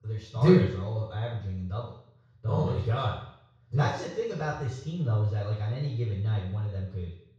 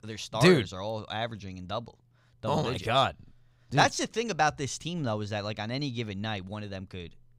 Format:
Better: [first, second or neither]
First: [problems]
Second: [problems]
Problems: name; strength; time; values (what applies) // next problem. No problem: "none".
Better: second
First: room echo; noticeable; dies away in 0.6 s // off-mic speech; far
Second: none